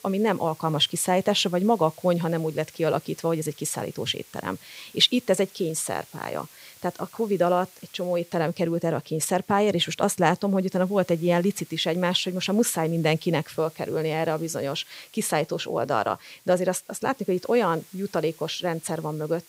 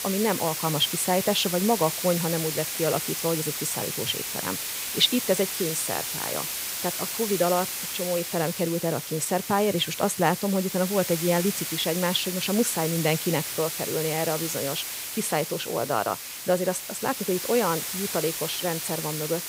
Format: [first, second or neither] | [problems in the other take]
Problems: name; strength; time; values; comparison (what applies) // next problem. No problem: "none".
first | hiss; loud; throughout; 3 dB below the speech; faint in the first